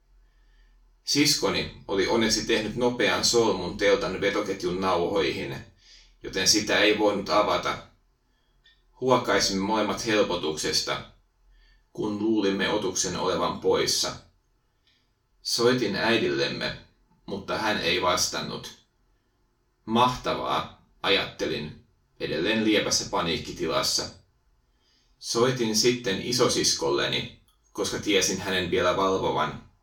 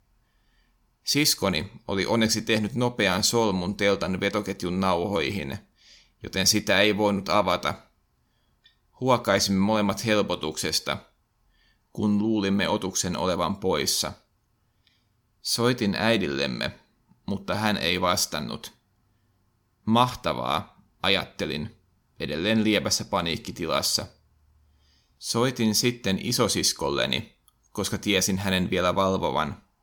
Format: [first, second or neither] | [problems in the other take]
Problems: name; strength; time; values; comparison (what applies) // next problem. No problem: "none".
second | room echo; slight; dies away in 0.3 s // off-mic speech; far